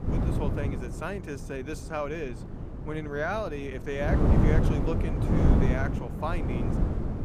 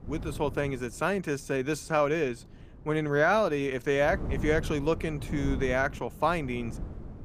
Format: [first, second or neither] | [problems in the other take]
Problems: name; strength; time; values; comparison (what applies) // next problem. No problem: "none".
second | wind noise on the microphone; heavy; as loud as the speech; occasional gusts in the second